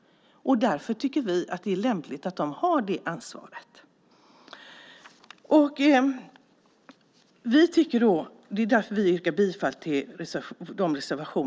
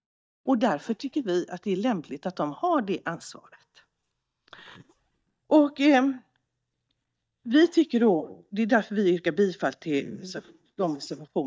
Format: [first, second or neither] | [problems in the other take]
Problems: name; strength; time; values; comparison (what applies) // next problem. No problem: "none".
first | noise reduction (neural mask model DeepFilterNet 3)